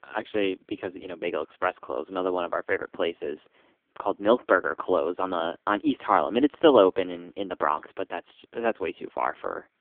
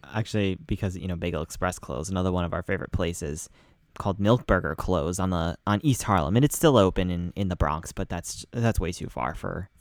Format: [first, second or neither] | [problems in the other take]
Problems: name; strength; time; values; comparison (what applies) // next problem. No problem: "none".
second | phone-call audio; poor line; nothing above 3.5 kHz